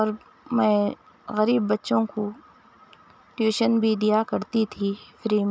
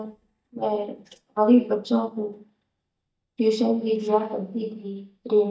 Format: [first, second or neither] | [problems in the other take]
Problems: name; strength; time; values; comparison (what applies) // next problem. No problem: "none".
first | noise reduction (neural mask model DeepFilterNet 3)